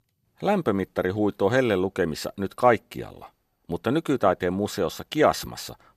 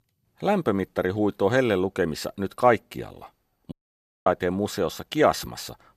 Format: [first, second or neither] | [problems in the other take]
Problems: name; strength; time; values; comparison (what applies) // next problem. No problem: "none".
first | audio cutting out; at 3.5 s for 0.5 s